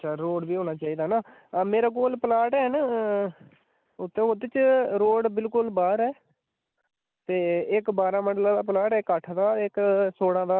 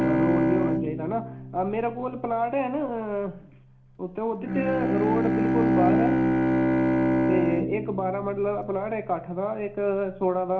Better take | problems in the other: first | background sound (Bowed string instrument); 2 dB above the speech // room echo; dies away in 0.4 s

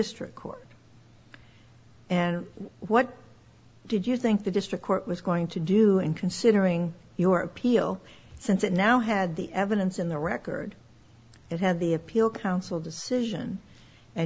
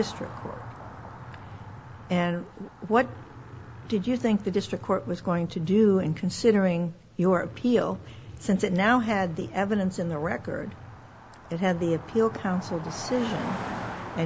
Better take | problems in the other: first | background sound (Car passing by + Truck); 14 dB below the speech

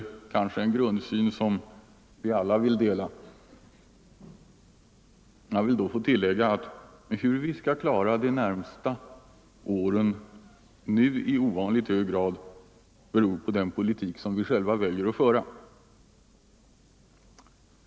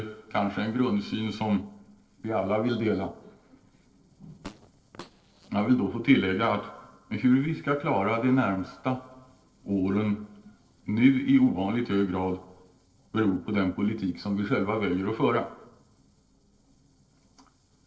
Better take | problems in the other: first | noise reduction (neural separator model SepFormer DNS4)

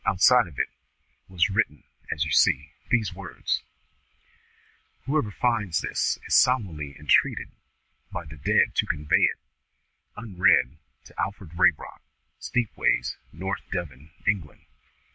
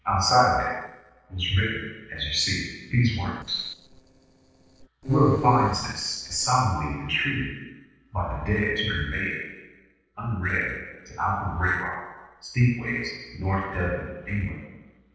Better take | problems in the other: first | noise reduction (neural separator model SepFormer DNS4)

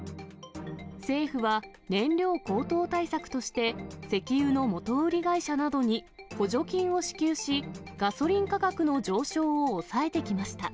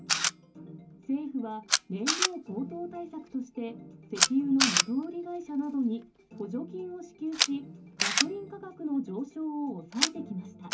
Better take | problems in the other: first | background sound (Camera); 1 dB above the speech // room echo; dies away in 0.3 s

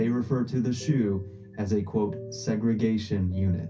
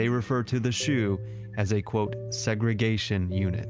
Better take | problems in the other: second | room echo; dies away in 0.3 s

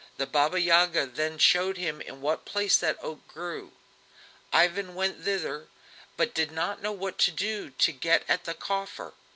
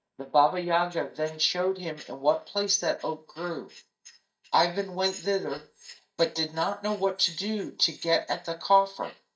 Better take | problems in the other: first | noise reduction (neural mask model DeepFilterNet 3)

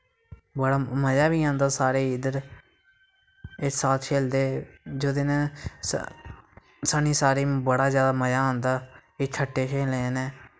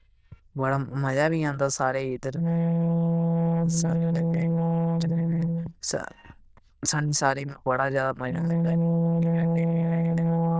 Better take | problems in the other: first | noise reduction (neural diffusion model UNIVERSE++)

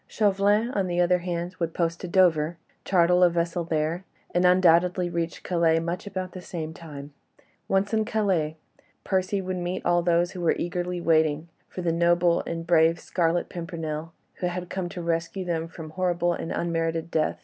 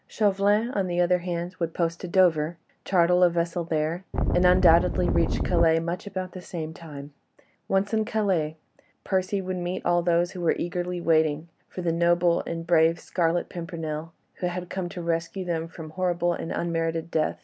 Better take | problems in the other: first | background sound (Wind); 1 dB above the speech

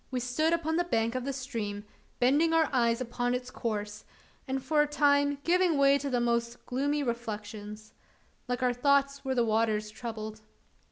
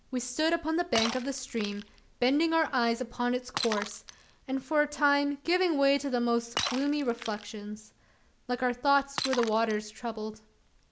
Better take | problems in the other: first | background sound (Shatter); 12 dB below the speech

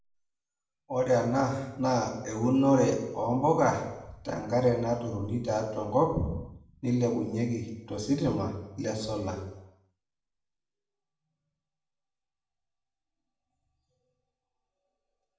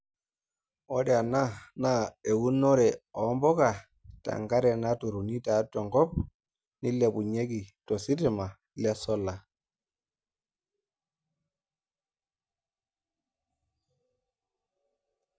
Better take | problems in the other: second | room echo; dies away in 0.8 s

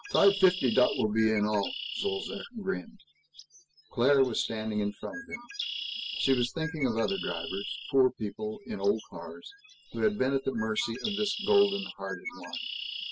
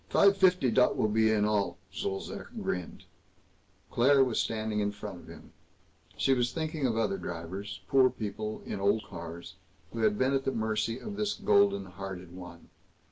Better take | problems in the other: second | noise reduction (classical method spectral subtraction)

